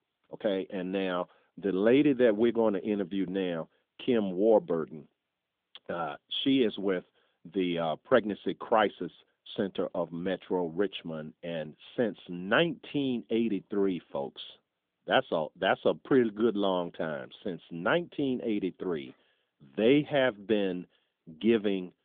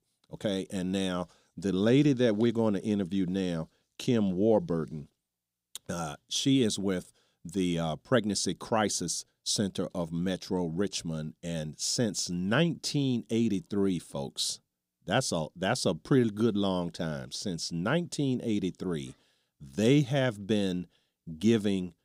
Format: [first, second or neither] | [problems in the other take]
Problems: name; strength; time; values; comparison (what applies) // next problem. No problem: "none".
second | phone-call audio; nothing above 3.5 kHz